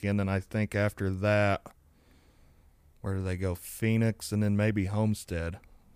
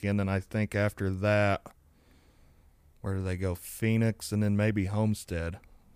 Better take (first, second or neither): neither